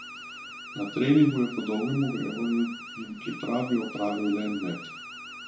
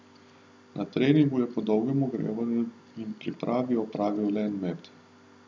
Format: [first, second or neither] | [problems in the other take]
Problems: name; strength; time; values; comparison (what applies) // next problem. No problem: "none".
second | background sound (Alarm); 13 dB below the speech // room echo; dies away in 0.4 s